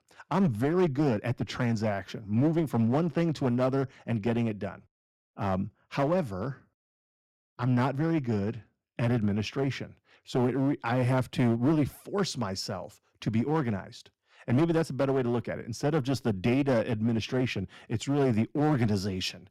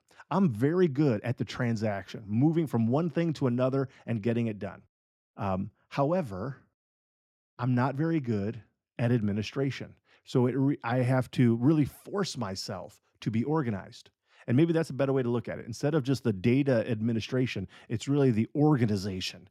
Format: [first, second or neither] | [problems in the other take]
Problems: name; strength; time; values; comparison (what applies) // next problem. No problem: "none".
second | distortion; slight; 7% of the sound clipped